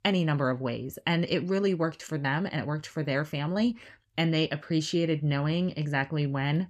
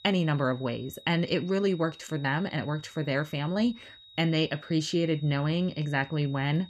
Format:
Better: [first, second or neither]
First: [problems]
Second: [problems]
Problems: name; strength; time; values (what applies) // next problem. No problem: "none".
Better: first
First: none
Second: high-pitched whine; faint; throughout; 4 kHz, 20 dB below the speech